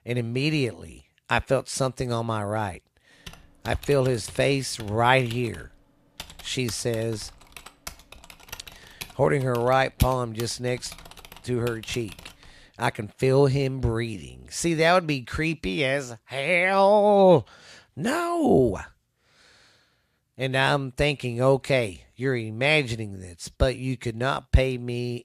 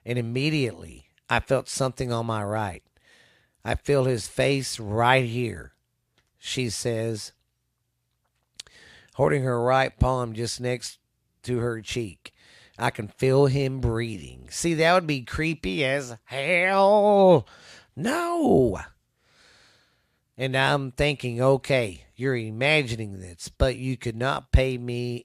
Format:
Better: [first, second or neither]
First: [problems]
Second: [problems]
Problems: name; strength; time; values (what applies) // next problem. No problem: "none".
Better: second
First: keyboard typing; faint; from 3.5 to 13 s; peak 10 dB below the speech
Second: none